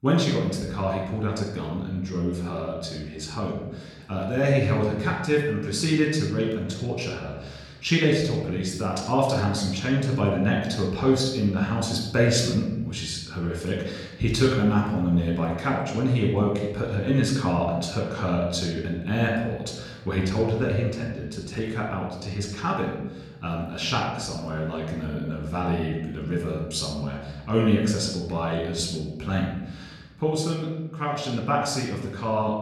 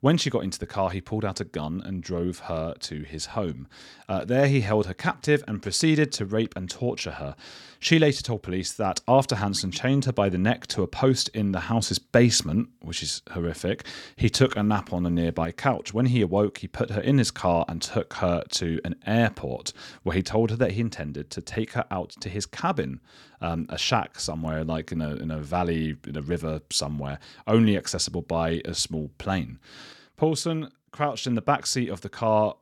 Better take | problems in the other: second | off-mic speech; somewhat distant // room echo; noticeable; dies away in 0.9 s

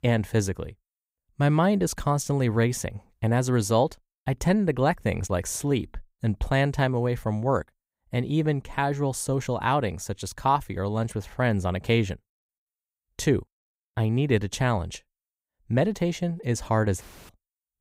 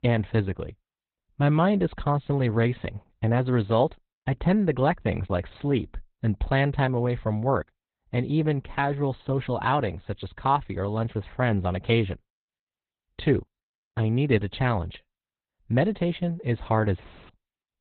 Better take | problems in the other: first | garbled, watery; badly; nothing above 4 kHz

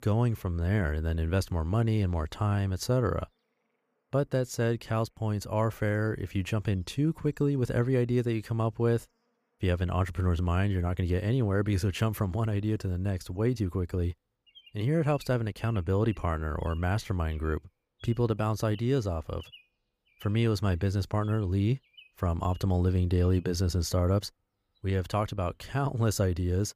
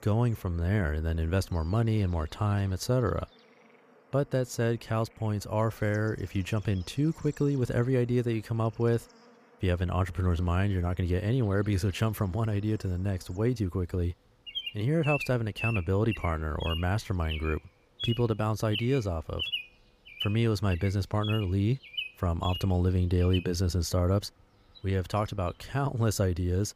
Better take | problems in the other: first | animal sounds; loud; throughout; 8 dB below the speech; faint in the first

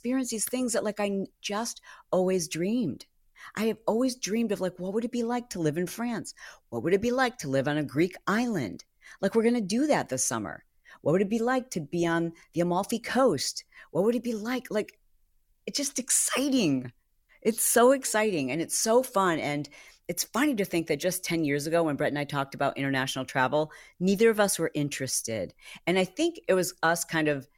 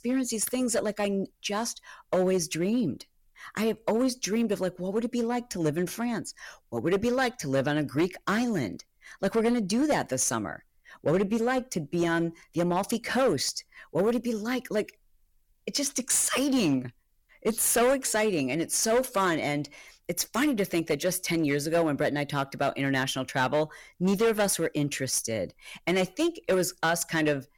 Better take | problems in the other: first | distortion; slight; 6% of the sound clipped

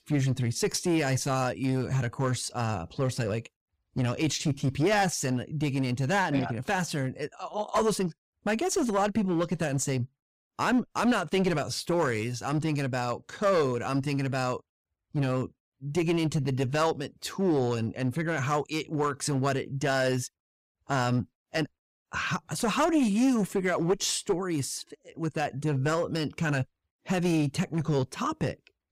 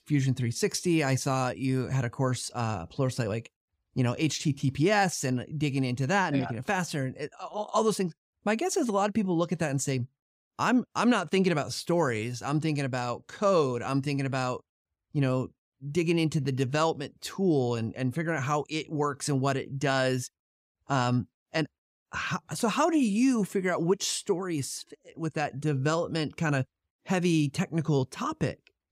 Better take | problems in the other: second | distortion; slight; 6% of the sound clipped

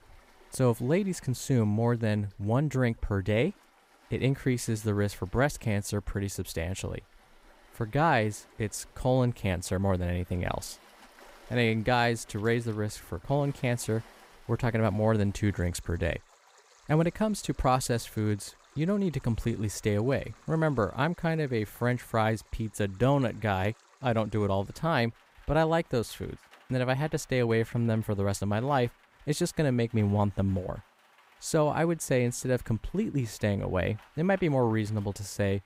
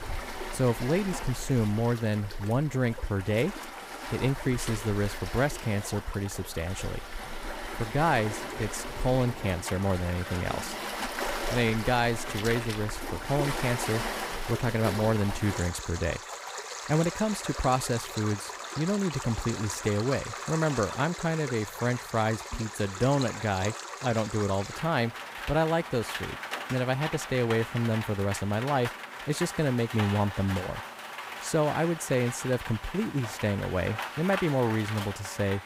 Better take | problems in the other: first | rain or running water; loud; throughout; 7 dB below the speech; faint in the first

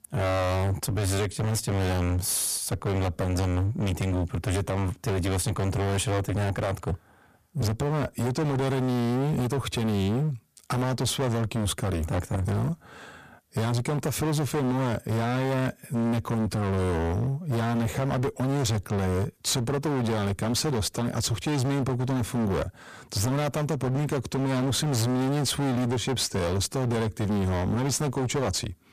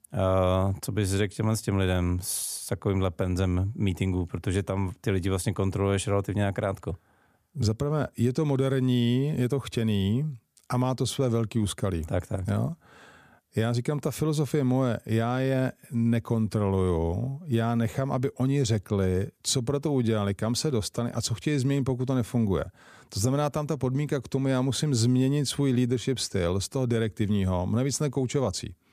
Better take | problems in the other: second | distortion; heavy; 33% of the sound clipped

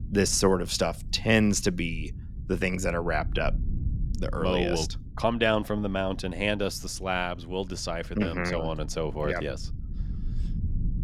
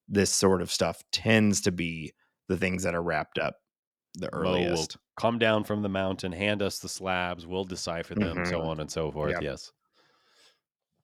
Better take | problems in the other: second | low rumble; faint; throughout; 25 dB below the speech

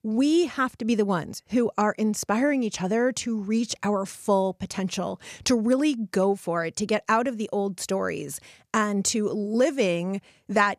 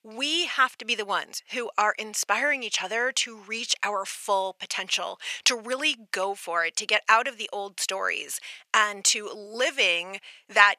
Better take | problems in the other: first | thin; very; fading below 800 Hz

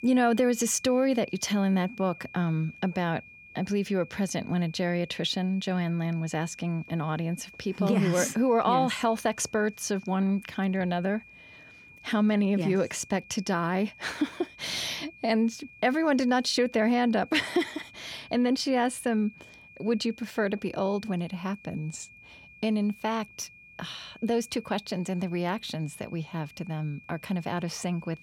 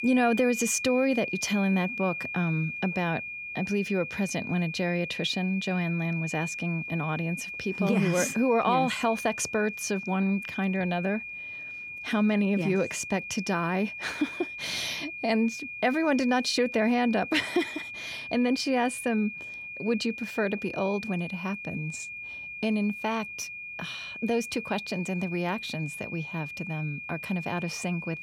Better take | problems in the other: first | high-pitched whine; loud; throughout; 2.5 kHz, 7 dB below the speech; faint in the first

